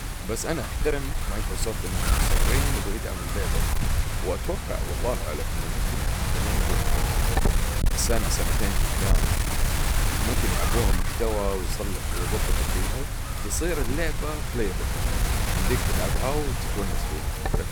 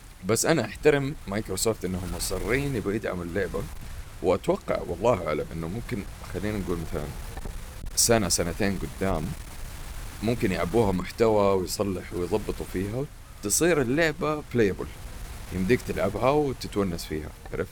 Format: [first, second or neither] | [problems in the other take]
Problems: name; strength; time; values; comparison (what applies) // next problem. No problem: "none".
second | wind noise on the microphone; heavy; 2 dB above the speech; occasional gusts in the second